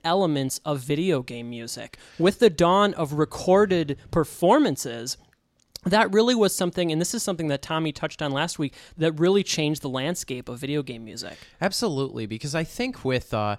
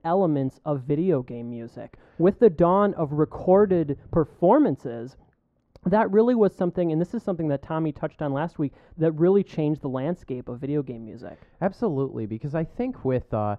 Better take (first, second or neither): first